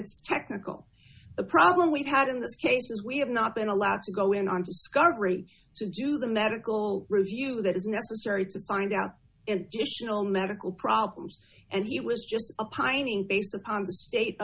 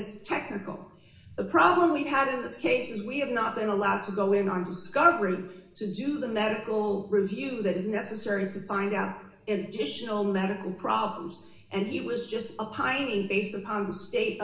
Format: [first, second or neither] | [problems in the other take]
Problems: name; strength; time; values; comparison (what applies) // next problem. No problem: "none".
first | room echo; dies away in 0.8 s